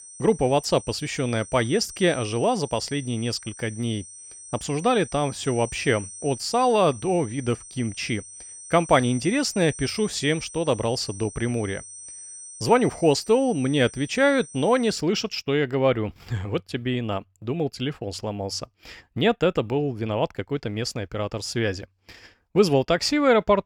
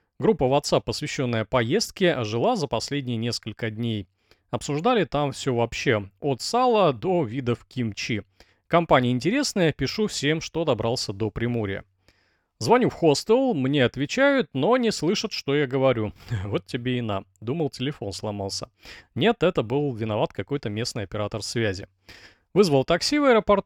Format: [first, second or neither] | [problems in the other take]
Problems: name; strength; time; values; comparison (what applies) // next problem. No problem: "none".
second | high-pitched whine; noticeable; until 15 s; 8.5 kHz, 15 dB below the speech